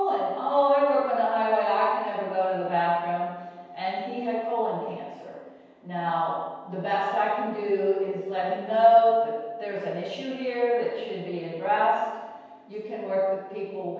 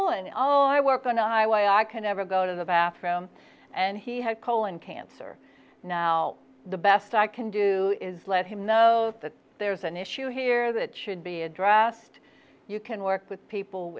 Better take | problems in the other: second | room echo; dies away in 1.2 s

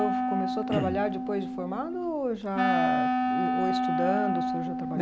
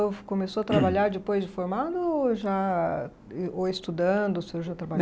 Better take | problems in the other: second | background sound (Wind instrument, woodwind instrument); 3 dB above the speech

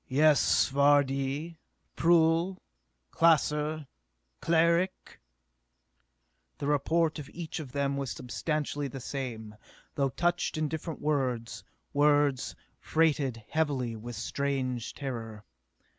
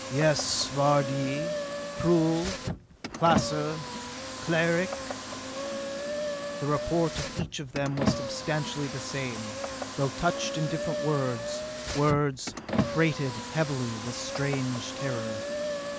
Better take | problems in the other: first | background sound (Car); 4 dB below the speech

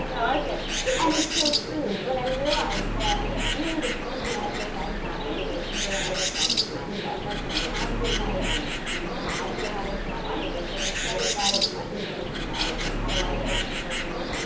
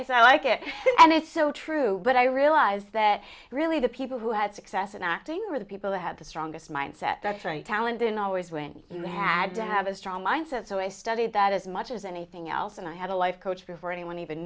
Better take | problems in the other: second | background sound (Bird); 4 dB above the speech // room echo; dies away in 1.2 s

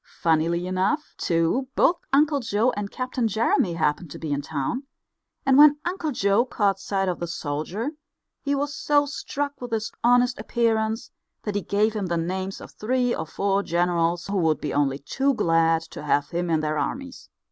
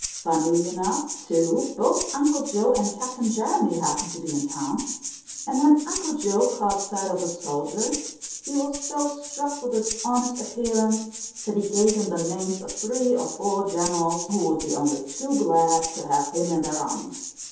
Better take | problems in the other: first | background sound (Rattle (instrument)); 9 dB below the speech // room echo; dies away in 0.7 s

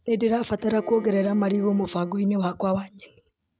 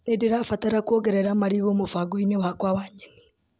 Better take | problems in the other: second | noise reduction (neural mask model RNNoise)

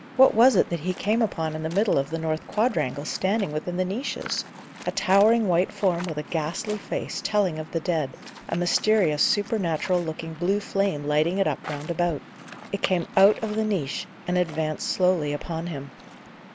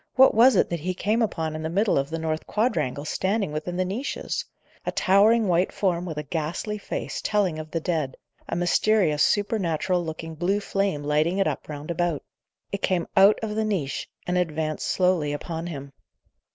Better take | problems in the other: second | background sound (Waves, surf); 18 dB below the speech

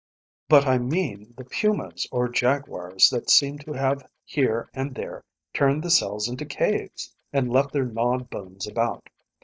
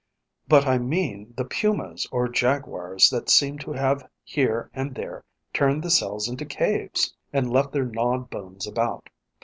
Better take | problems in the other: second | noise reduction (neural mask model DeepFilterNet 3)

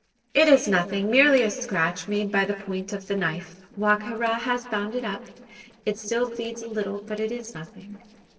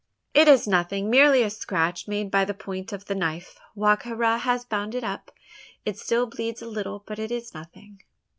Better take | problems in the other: second | noise reduction (neural separator model SepFormer DNS4)

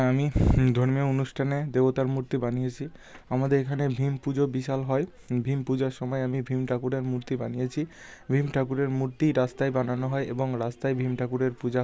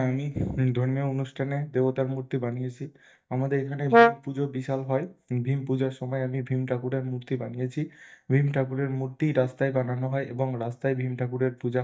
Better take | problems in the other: first | noise reduction (neural mask model DeepFilterNet 3)

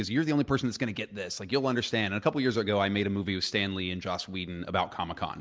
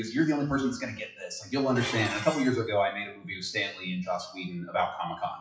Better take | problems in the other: first | noise reduction (classical method WPE with log-MMSE)

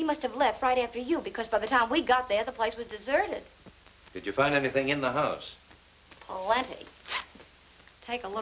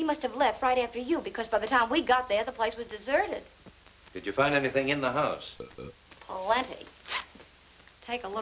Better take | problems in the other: first | background sound (Burping, eructation); 14 dB below the speech

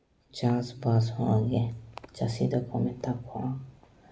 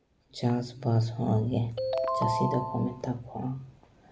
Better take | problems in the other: first | background sound (Ringtone); 2 dB below the speech

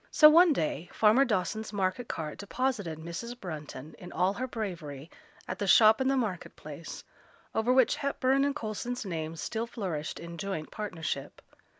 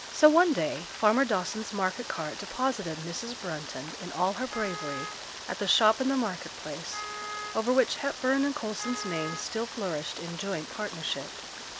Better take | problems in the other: first | background sound (Rain + Wind instrument, woodwind instrument); 10 dB below the speech

